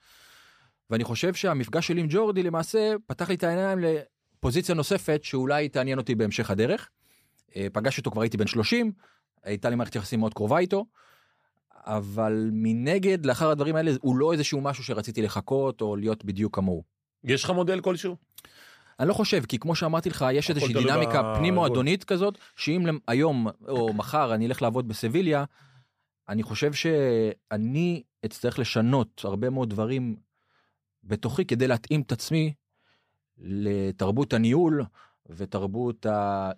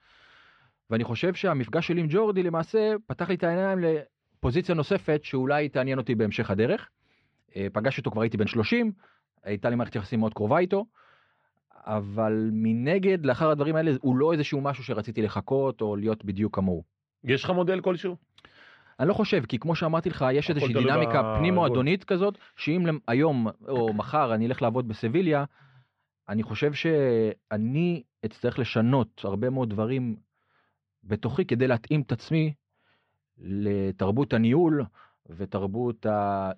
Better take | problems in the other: first | muffled; slightly; fading above 3.5 kHz

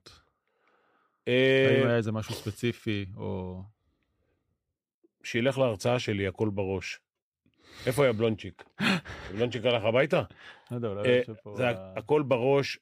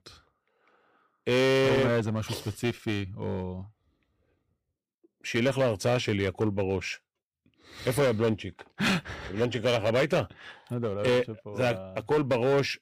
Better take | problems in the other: first | distortion; slight; 8% of the sound clipped

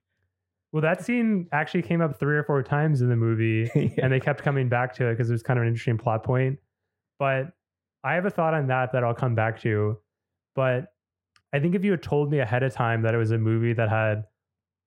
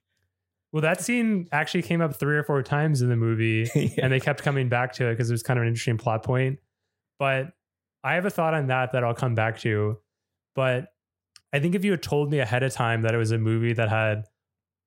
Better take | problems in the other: second | muffled; slightly; fading above 3 kHz

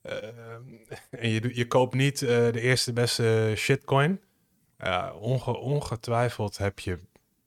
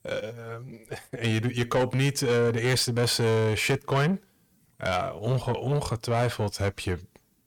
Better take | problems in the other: first | distortion; slight; 10 dB below the speech

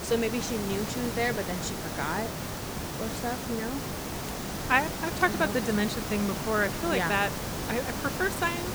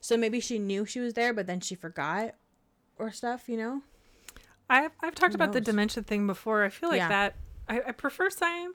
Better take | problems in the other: second | hiss; loud; throughout; 4 dB below the speech

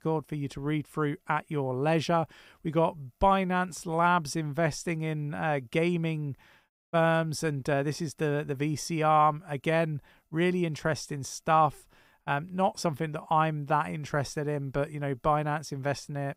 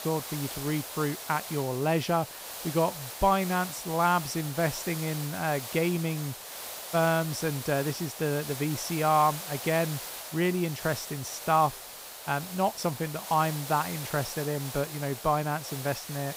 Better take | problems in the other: first | hiss; loud; throughout; 8 dB below the speech

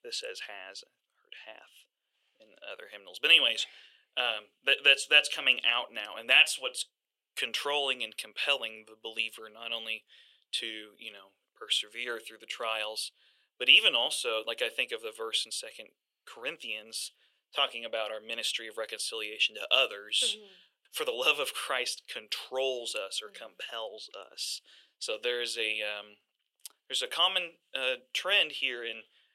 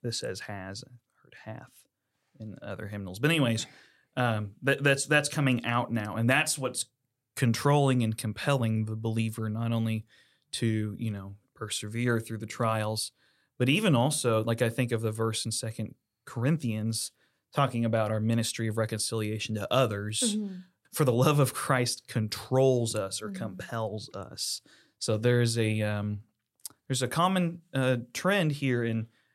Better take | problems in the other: second | thin; very; fading below 450 Hz

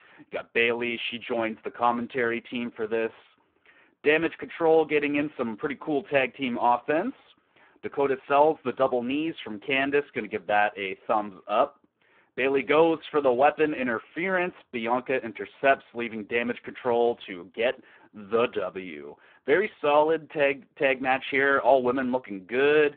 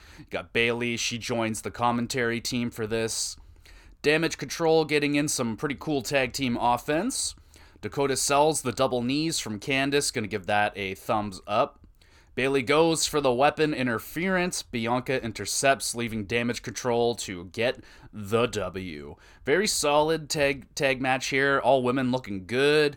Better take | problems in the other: second | phone-call audio; poor line

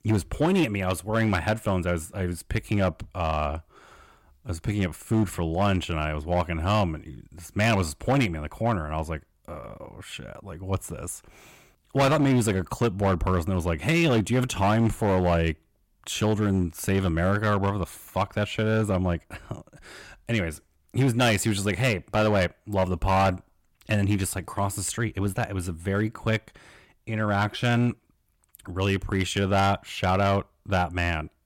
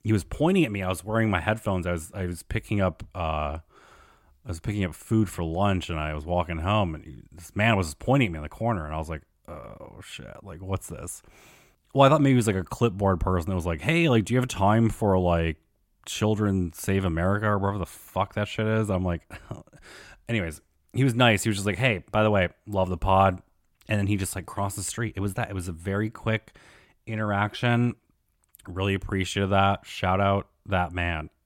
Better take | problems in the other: second | distortion; slight; 6% of the sound clipped

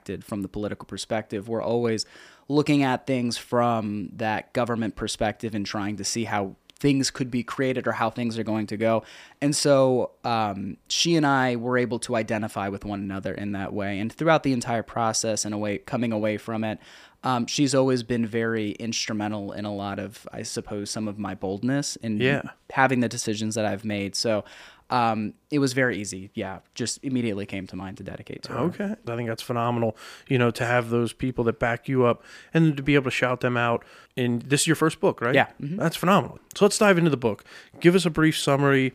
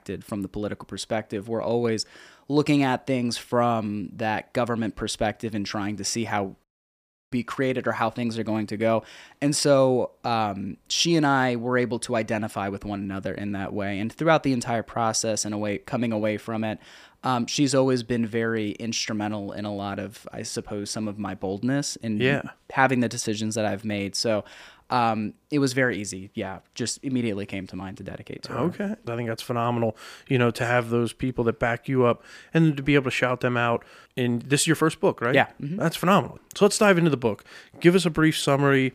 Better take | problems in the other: first | audio cutting out; at 6.5 s for 0.5 s

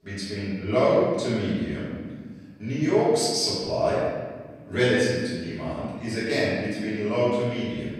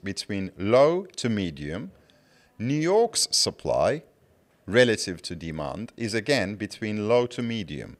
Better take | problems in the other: second | room echo; strong; dies away in 1.5 s // off-mic speech; far

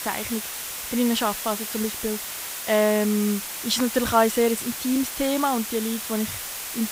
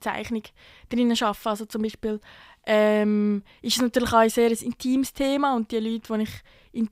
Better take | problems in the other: second | hiss; loud; throughout; 5 dB below the speech

